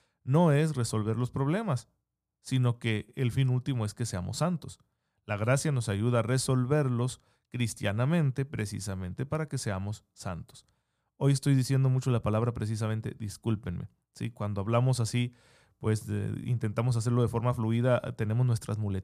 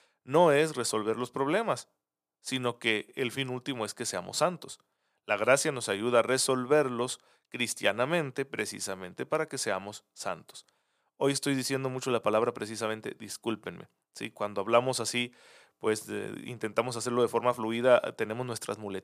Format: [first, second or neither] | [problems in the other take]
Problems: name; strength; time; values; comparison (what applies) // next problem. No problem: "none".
first | thin; very; fading below 400 Hz